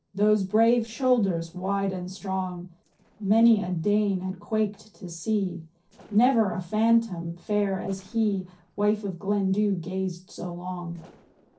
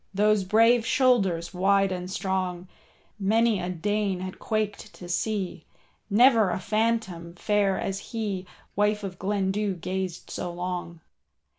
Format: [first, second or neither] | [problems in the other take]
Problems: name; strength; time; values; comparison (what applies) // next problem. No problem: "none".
second | noise reduction (neural separator model SepFormer DNS4)